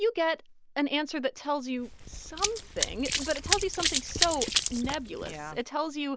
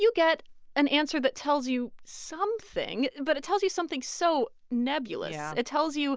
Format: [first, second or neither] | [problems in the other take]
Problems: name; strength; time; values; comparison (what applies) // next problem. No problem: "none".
second | background sound (Run); as loud as the speech